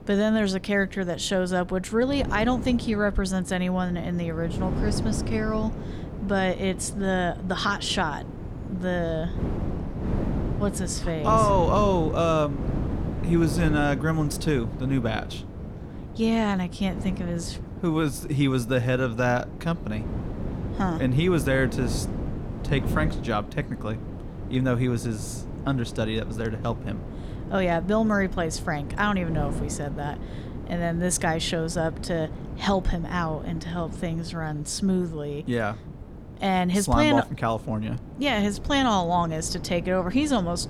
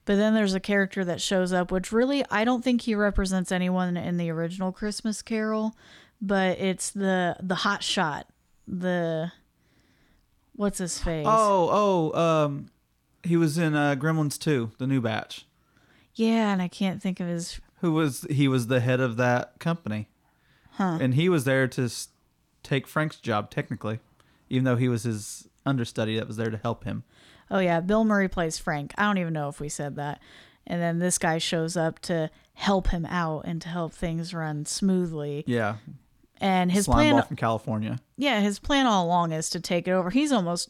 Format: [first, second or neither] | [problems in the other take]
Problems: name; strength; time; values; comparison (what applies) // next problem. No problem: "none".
second | wind noise on the microphone; occasional gusts; 15 dB below the speech